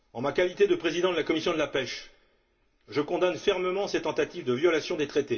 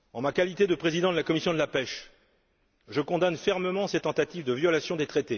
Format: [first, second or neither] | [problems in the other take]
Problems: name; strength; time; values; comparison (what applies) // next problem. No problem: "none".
second | room echo; dies away in 0.2 s